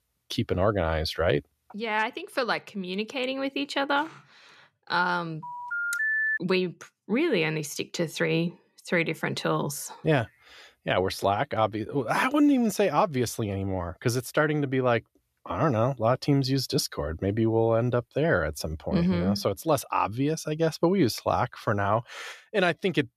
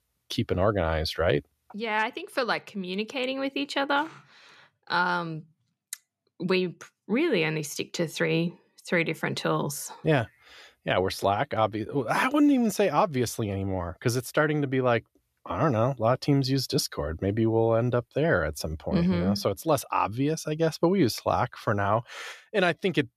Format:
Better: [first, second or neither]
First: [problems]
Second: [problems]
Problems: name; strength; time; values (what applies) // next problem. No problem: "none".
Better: second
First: phone ringing; loud; at 5.5 s; peak 3 dB above the speech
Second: none